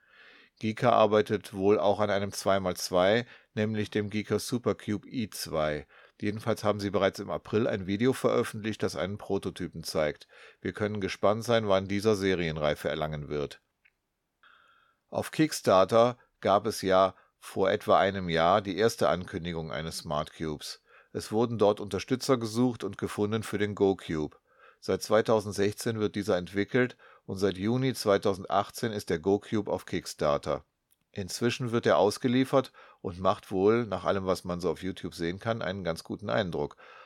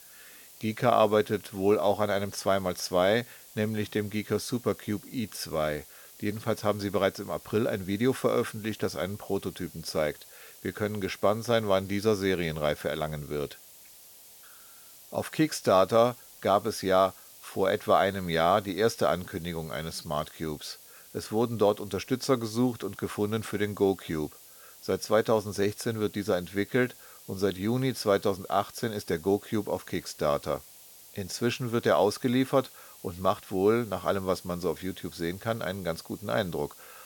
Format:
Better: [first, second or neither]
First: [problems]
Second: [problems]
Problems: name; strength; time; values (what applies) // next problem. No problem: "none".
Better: first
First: none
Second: hiss; noticeable; throughout; 20 dB below the speech